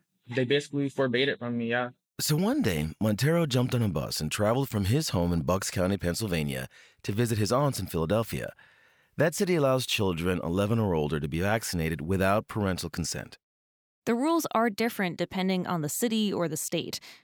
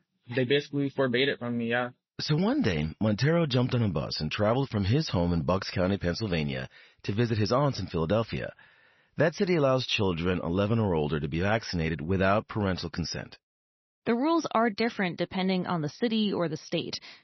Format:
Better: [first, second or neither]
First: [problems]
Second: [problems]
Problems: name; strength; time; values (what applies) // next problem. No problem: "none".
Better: first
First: none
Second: garbled, watery; slightly; nothing above 6 kHz